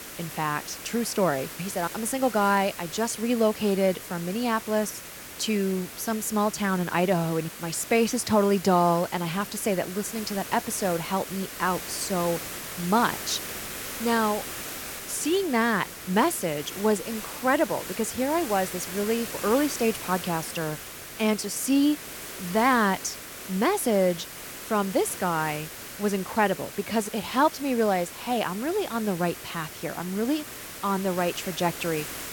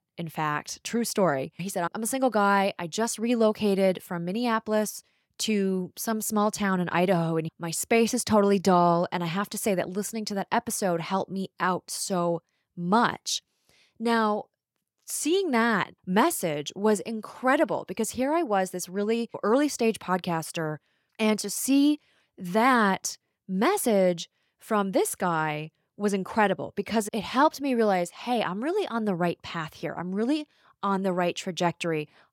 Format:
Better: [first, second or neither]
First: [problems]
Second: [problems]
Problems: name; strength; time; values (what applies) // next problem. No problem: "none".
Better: second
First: hiss; loud; throughout; 10 dB below the speech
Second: none